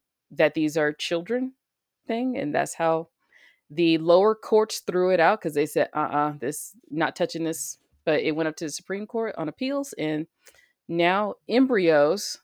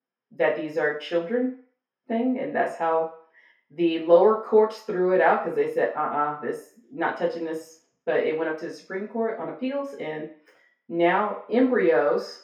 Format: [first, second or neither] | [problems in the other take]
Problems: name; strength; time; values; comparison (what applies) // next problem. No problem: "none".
first | room echo; slight; dies away in 0.5 s // off-mic speech; far